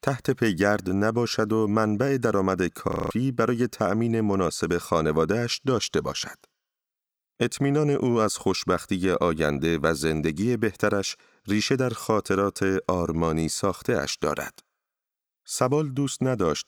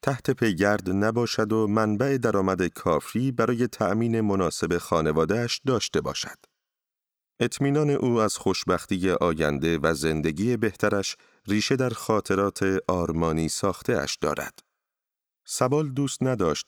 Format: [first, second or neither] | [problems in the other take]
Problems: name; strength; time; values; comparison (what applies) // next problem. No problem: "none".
second | audio freezing; at 3 s